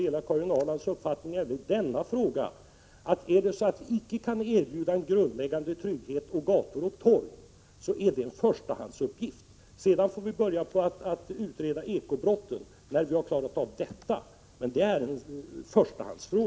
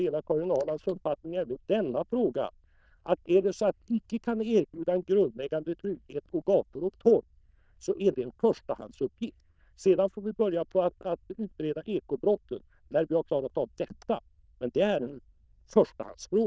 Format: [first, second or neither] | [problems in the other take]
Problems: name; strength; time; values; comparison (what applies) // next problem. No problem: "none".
first | noise reduction (neural diffusion model UNIVERSE++)